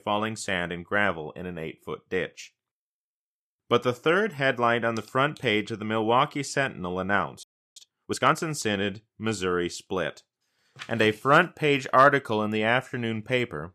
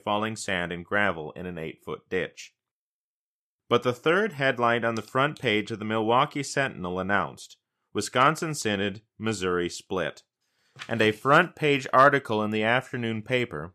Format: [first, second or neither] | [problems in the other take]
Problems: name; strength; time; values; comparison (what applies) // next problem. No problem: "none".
second | audio freezing; at 7.5 s